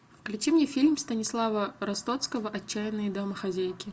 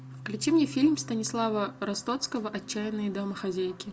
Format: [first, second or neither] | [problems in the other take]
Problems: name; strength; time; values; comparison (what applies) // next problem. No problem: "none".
first | background sound (Organ); 18 dB below the speech